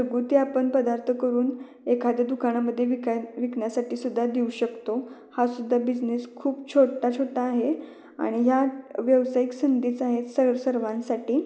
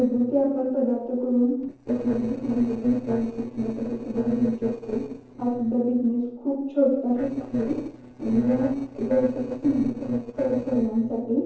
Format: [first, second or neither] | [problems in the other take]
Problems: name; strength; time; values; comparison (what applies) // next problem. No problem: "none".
first | noise reduction (neural separator model SepFormer DNS4)